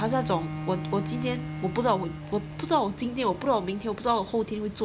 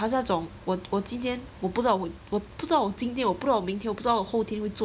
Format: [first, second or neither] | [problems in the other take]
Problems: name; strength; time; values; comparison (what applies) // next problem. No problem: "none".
second | background sound (Bowed string instrument); 8 dB below the speech